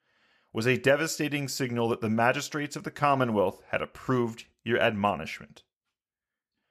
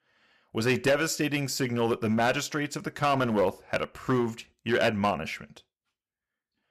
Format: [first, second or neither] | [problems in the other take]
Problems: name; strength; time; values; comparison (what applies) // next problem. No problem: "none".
first | distortion; slight; 4% of the sound clipped